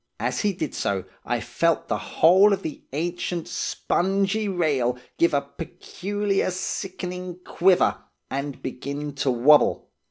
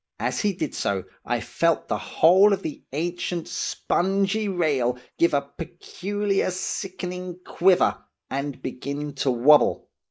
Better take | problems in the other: first | noise reduction (neural mask model Resemble Enhance denoiser)

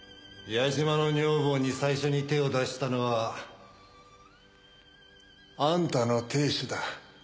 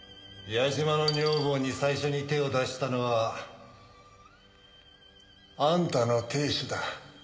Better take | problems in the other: first | background sound (Coin (dropping)); 12 dB below the speech // room echo; dies away in 1.6 s

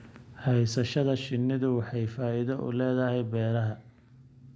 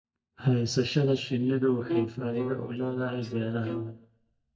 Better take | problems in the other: first | noise reduction (neural mask model DeepFilterNet 3)

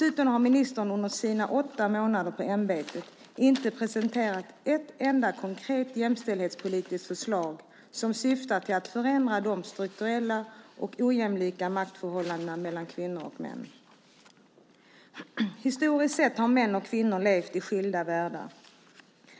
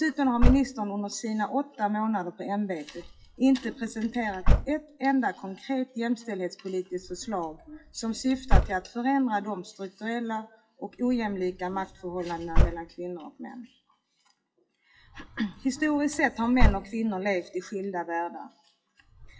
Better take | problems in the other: first | noise reduction (classical method WPE with log-MMSE)

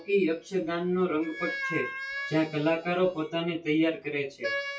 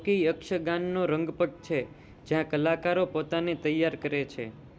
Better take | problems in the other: second | noise reduction (classical method WPE with log-MMSE)

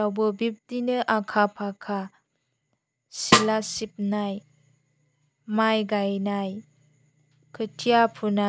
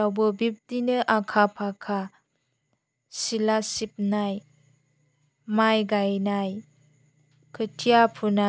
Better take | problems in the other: second | background sound (Snare drum); 1 dB above the speech

